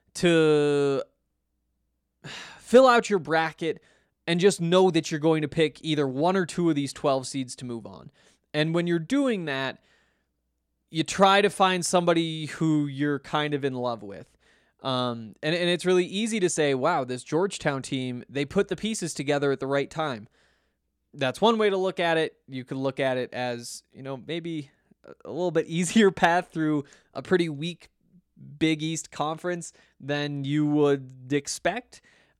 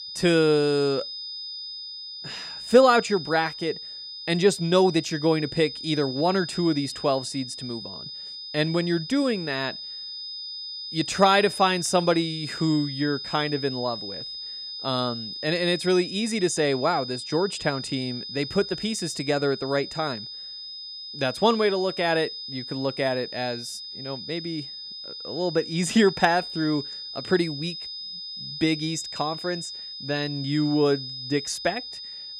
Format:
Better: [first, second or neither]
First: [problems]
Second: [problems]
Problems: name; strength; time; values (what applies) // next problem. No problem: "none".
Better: first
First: none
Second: high-pitched whine; loud; throughout; 5 kHz, 9 dB below the speech